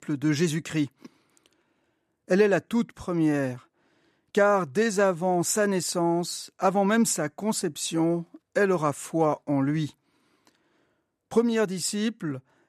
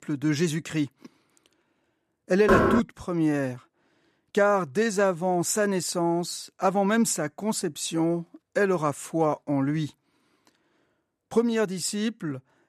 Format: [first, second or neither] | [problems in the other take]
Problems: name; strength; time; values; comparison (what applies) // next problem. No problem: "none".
first | door banging; loud; at 2.5 s; peak 5 dB above the speech